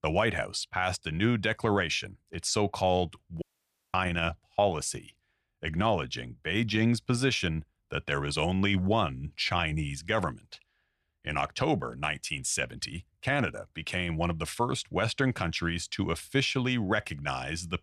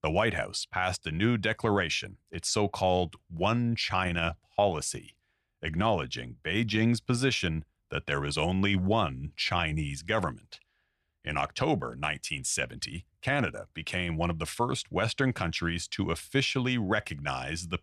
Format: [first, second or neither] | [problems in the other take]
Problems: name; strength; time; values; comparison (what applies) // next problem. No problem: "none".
second | audio cutting out; at 3.5 s for 0.5 s